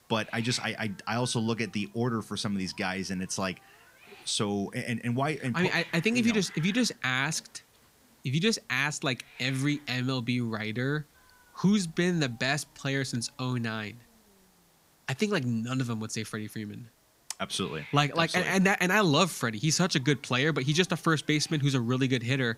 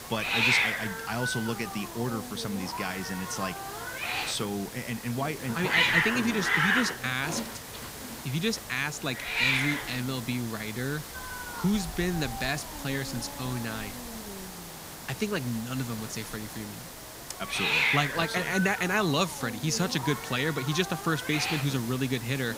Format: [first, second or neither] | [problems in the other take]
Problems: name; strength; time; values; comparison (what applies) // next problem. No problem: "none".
first | hiss; loud; throughout; 1 dB below the speech; faint in the first